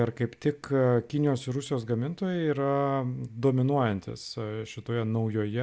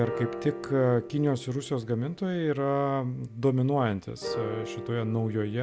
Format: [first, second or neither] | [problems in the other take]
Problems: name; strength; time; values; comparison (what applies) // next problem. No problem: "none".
first | background sound (Piano); 11 dB below the speech